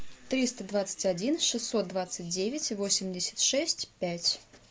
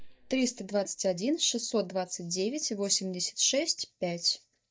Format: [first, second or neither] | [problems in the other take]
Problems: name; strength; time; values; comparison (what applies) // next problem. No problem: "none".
first | noise reduction (neural mask model DeepFilterNet 3)